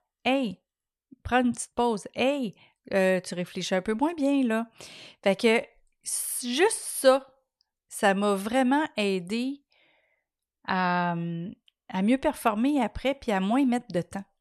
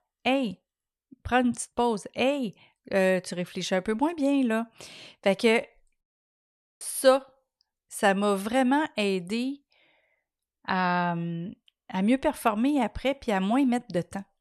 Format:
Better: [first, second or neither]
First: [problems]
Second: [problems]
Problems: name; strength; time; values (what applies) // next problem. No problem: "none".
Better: first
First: none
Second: audio cutting out; at 6 s for 1 s